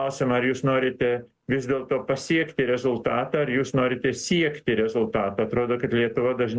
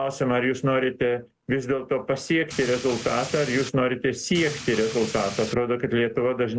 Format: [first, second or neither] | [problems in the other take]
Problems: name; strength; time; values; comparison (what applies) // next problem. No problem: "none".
first | background sound (Rain); 11 dB below the speech